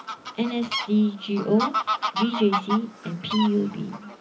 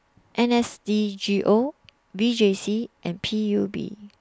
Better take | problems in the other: second | background sound (Fowl); 5 dB below the speech // room echo; dies away in 0.4 s

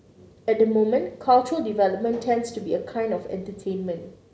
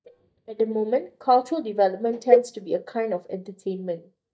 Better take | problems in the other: first | noise reduction (neural mask model DeepFilterNet 3)

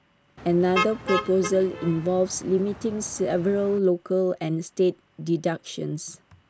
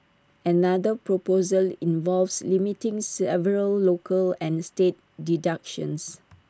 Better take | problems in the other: second | background sound (Motor vehicle (road)); 9 dB below the speech

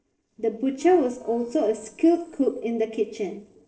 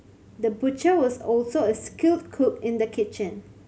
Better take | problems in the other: second | noise reduction (neural separator model SepFormer DNS4)

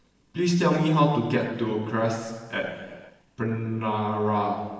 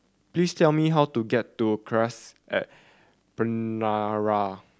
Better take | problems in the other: second | room echo; dies away in 1.2 s

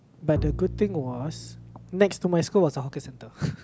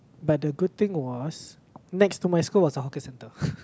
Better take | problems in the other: second | background sound (Bowed string instrument); 10 dB below the speech

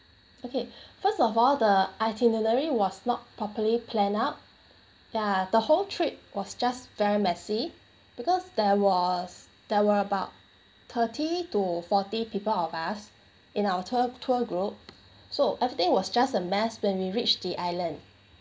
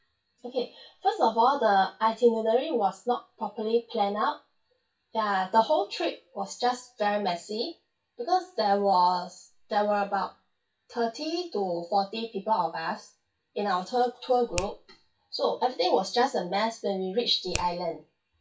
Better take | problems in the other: first | noise reduction (classical method WPE with log-MMSE)

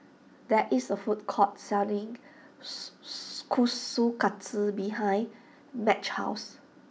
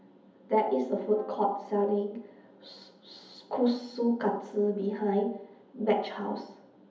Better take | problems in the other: first | background sound (Brass instrument); 19 dB below the speech // room echo; dies away in 0.7 s

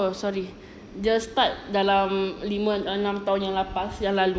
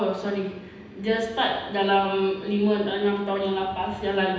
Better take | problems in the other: first | room echo; dies away in 0.9 s

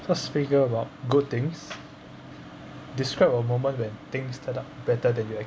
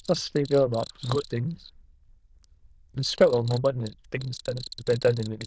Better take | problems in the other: first | noise reduction (neural diffusion model UNIVERSE++)

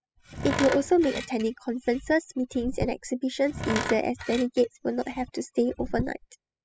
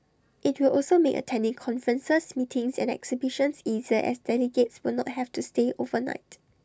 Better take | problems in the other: second | noise reduction (classical method spectral subtraction)

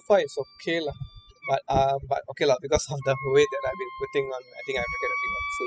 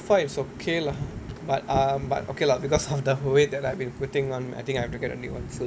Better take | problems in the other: second | noise reduction (classical method spectral subtraction)

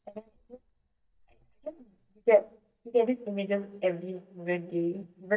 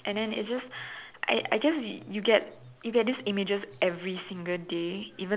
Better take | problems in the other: second | noise reduction (neural mask model DeepFilterNet 3)

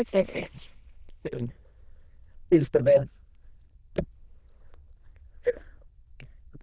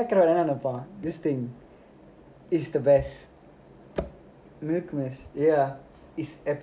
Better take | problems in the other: second | noise reduction (neural diffusion model UNIVERSE++)

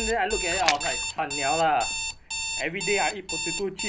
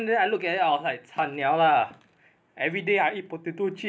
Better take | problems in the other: second | background sound (Alarm + Splash, splatter); 2 dB below the speech

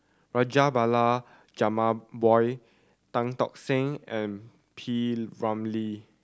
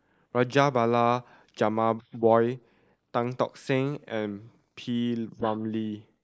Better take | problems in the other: first | noise reduction (neural mask model Resemble Enhance denoiser)

